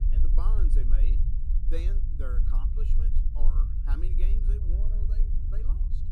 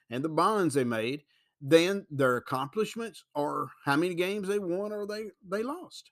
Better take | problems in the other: second | low rumble; loud; throughout; 3 dB below the speech

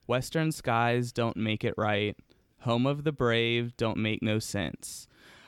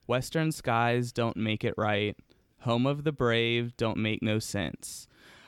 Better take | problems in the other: neither | none

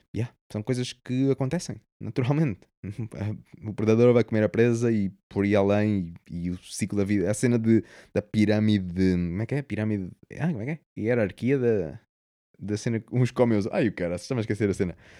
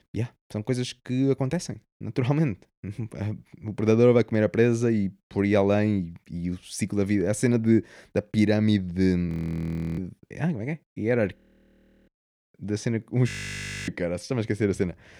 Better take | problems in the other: first | audio freezing; at 9.5 s for 0.5 s, at 11 s for 0.5 s and at 13 s for 0.5 s

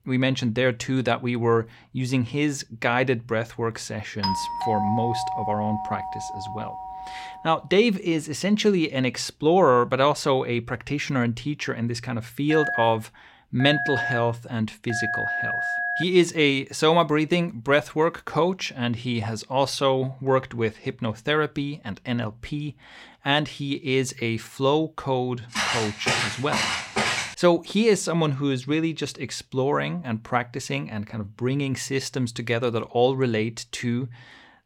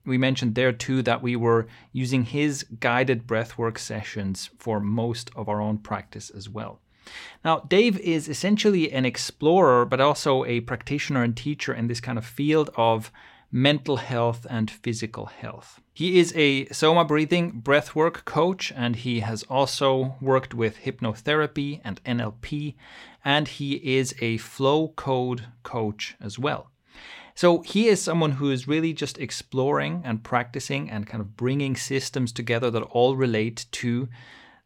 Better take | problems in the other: second | doorbell; noticeable; from 4 to 7.5 s; peak 2 dB below the speech // phone ringing; noticeable; from 13 to 16 s; peak level with the speech // footsteps; loud; from 26 to 27 s; peak 1 dB above the speech

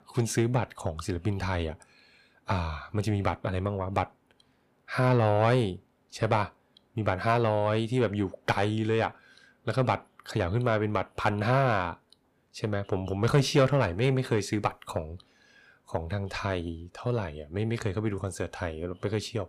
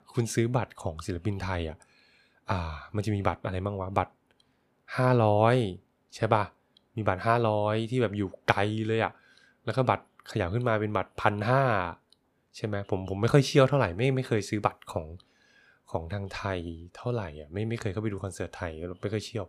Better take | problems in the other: second | distortion; slight; 10 dB below the speech

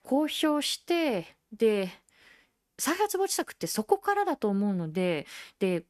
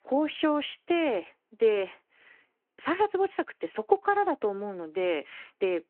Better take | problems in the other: first | phone-call audio

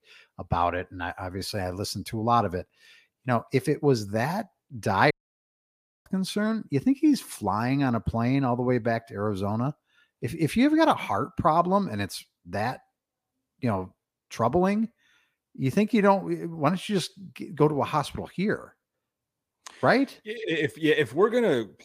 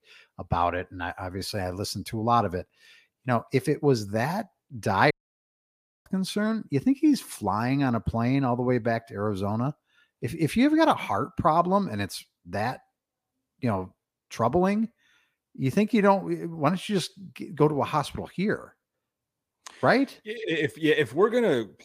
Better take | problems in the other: neither | audio cutting out; at 5 s for 1 s; the same in both

